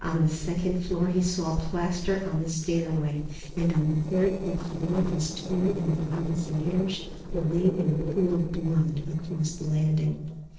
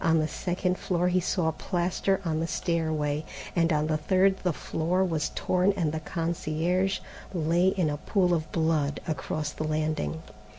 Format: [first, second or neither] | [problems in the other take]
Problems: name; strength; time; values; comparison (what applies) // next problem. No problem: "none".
second | noise reduction (neural separator model SepFormer DNS4)